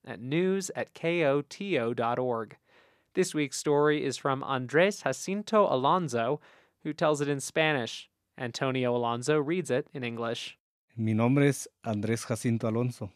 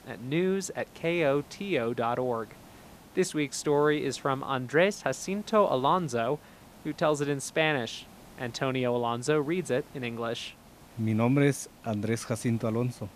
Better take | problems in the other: first | hiss; faint; throughout; 25 dB below the speech

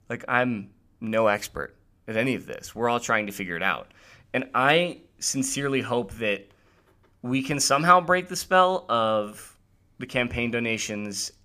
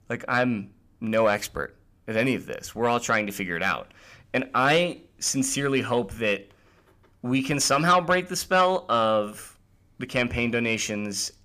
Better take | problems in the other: first | distortion; slight; 10 dB below the speech

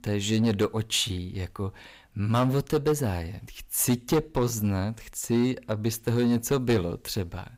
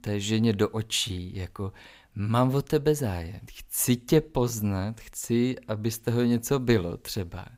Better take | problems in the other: second | distortion; slight; 5% of the sound clipped

